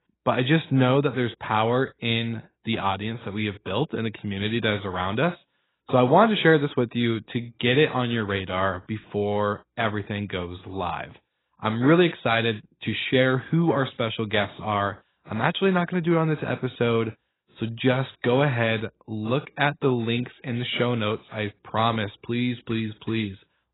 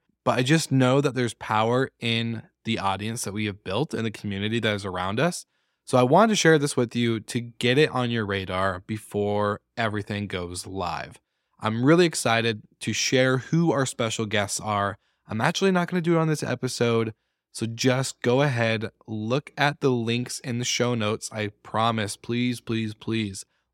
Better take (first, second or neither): second